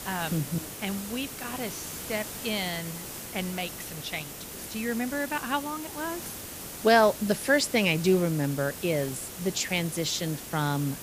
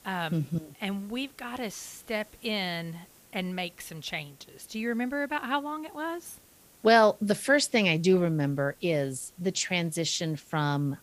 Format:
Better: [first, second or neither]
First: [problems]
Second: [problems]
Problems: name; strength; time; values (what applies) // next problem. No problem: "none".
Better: second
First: hiss; loud; throughout; 9 dB below the speech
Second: hiss; faint; throughout; 25 dB below the speech